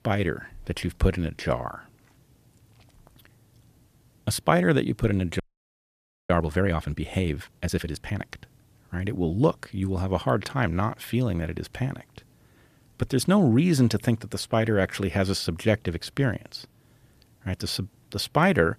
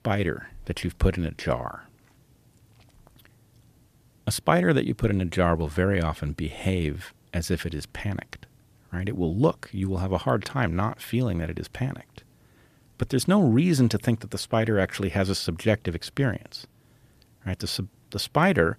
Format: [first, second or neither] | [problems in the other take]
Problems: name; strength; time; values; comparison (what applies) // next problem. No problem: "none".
second | audio freezing; at 5.5 s for 1 s